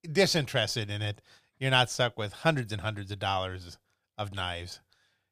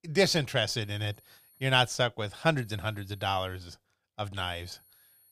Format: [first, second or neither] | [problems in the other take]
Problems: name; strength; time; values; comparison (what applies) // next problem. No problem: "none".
first | high-pitched whine; faint; from 1 to 2 s, from 2.5 to 3.5 s and at 4.5 s; 11.5 kHz, 30 dB below the speech